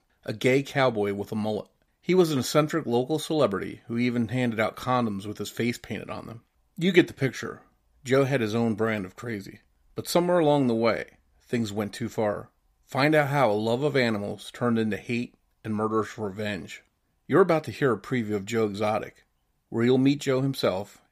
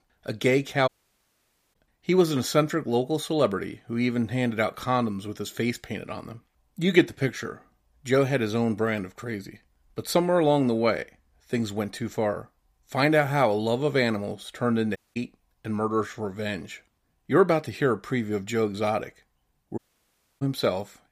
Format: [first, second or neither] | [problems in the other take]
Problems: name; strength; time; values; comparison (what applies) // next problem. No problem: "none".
first | audio cutting out; at 1 s for 1 s, at 15 s and at 20 s for 0.5 s